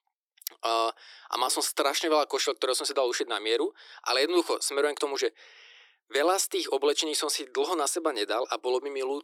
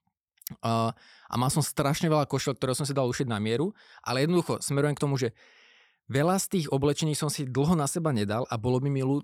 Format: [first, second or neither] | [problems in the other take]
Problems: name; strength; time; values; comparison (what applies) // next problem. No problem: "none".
second | thin; very; fading below 300 Hz